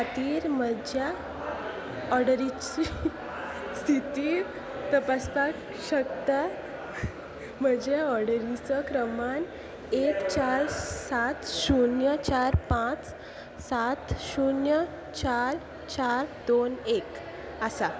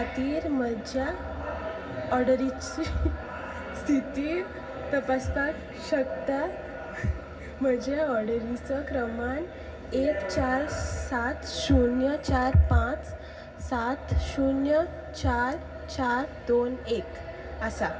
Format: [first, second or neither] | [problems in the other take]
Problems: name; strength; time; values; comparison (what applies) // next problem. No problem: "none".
first | room echo; dies away in 0.4 s